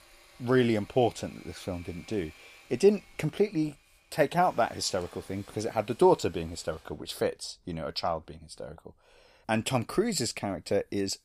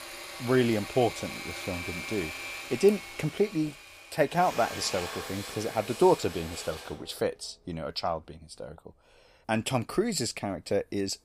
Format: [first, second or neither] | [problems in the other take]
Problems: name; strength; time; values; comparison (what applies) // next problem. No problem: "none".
first | machinery noise; loud; throughout; 9 dB below the speech; faint in the first